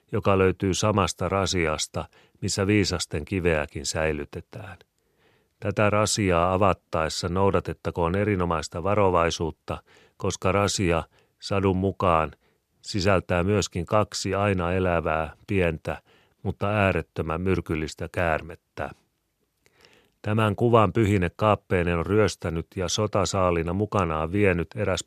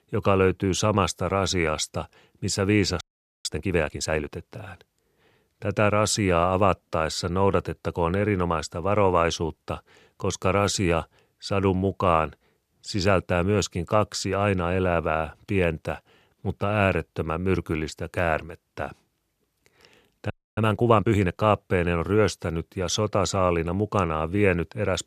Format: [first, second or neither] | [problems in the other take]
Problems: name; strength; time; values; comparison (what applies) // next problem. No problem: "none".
first | audio freezing; at 3 s and at 20 s